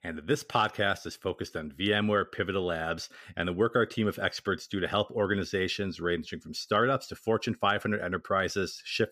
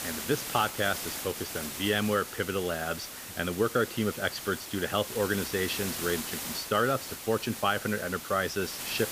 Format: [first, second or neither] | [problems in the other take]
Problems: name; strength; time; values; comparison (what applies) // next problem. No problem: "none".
first | hiss; loud; throughout; 6 dB below the speech